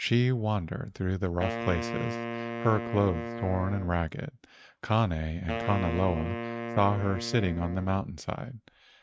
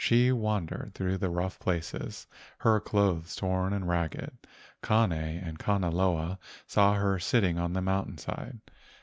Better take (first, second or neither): second